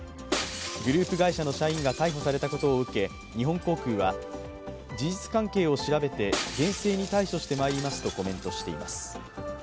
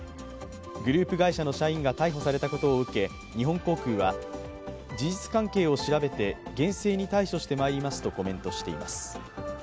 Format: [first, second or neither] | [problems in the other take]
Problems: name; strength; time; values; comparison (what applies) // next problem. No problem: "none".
second | background sound (Shatter); 11 dB below the speech